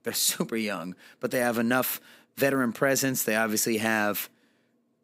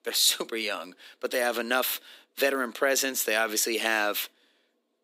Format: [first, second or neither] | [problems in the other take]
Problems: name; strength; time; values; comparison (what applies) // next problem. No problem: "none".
first | thin; somewhat; fading below 300 Hz